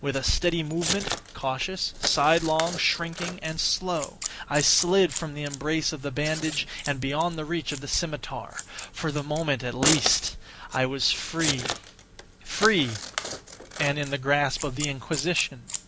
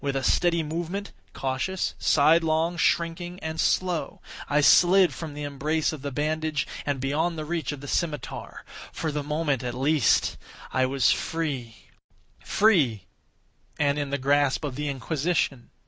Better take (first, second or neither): second